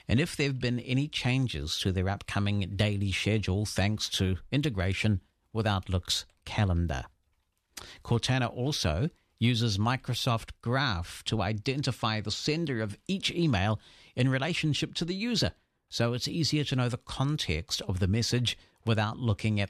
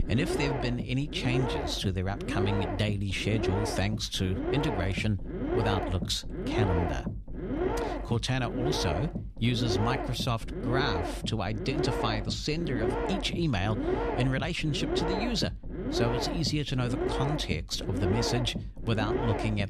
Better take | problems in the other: first | low rumble; loud; throughout; 1 dB below the speech

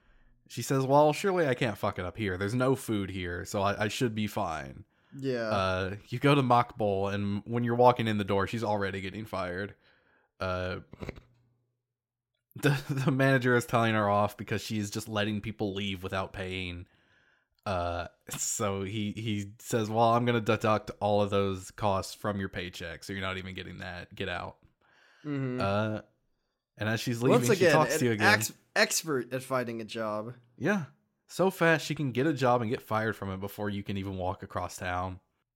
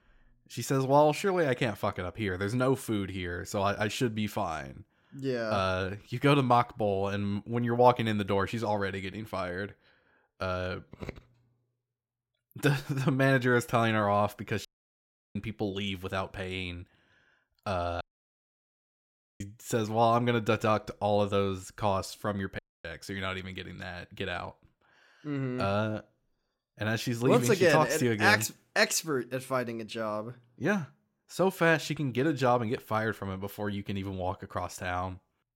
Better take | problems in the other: first | audio cutting out; at 15 s for 0.5 s, at 18 s for 1.5 s and at 23 s

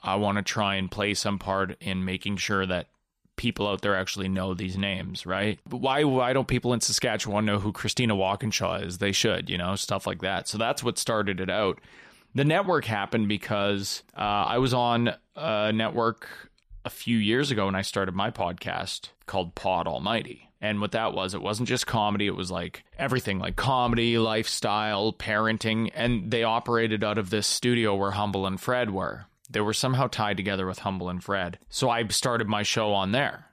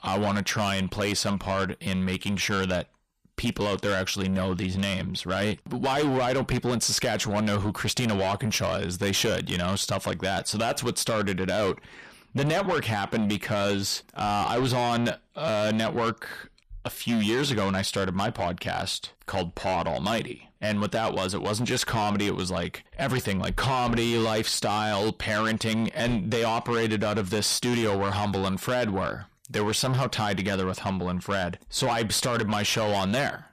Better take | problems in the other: first | distortion; heavy; 8 dB below the speech

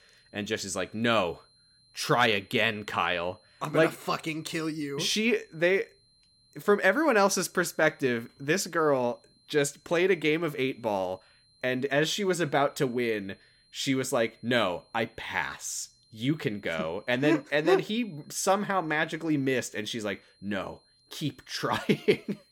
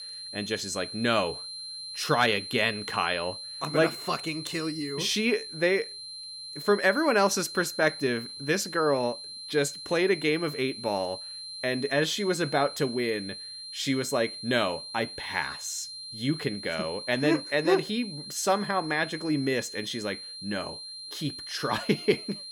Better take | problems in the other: first | high-pitched whine; loud; throughout; 4 kHz, 9 dB below the speech; faint in the first

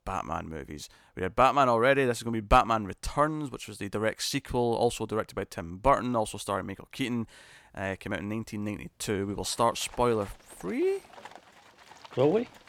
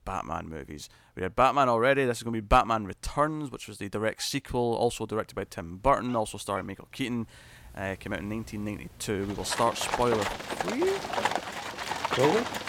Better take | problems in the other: first | animal sounds; loud; throughout; 3 dB below the speech; faint in the first

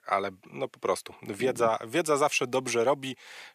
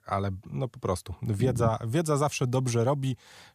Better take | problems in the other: second | thin; somewhat; fading below 400 Hz

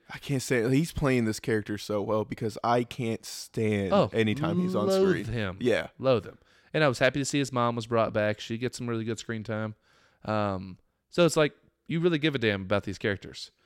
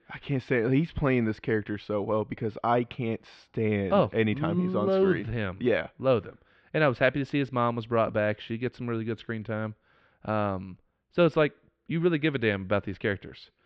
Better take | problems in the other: first | muffled; very; fading above 3 kHz

